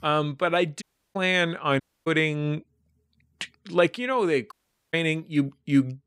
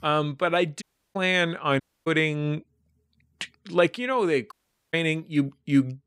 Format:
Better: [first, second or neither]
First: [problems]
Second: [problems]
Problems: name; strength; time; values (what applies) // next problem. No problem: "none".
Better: neither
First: audio cutting out; at 1 s, at 2 s and at 4.5 s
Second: audio cutting out; at 1 s, at 2 s and at 4.5 s